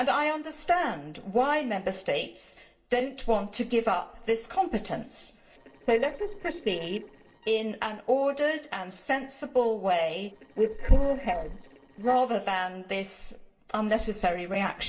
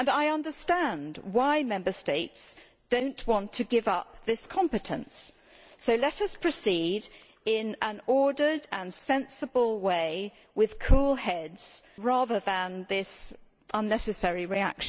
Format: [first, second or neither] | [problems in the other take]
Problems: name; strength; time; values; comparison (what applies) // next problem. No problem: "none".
second | noise reduction (neural separator model SepFormer DNS4)